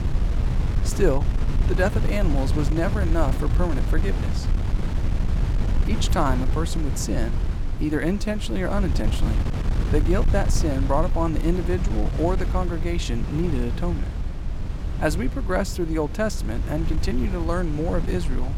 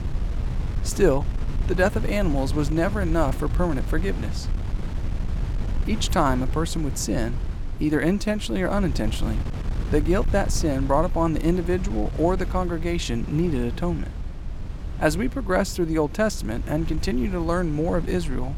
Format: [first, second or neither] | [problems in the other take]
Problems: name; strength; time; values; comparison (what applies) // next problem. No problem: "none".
second | wind noise on the microphone; heavy; 9 dB below the speech; occasional gusts in the second